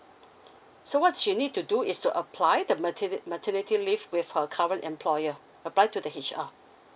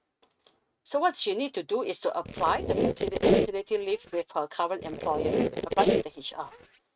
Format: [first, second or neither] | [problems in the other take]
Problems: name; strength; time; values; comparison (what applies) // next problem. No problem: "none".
first | noise reduction (neural mask model RNNoise)